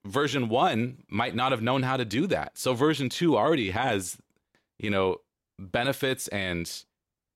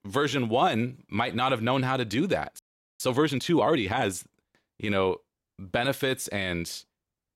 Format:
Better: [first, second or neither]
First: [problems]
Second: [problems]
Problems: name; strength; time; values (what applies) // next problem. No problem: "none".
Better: first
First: none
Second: audio freezing; at 2.5 s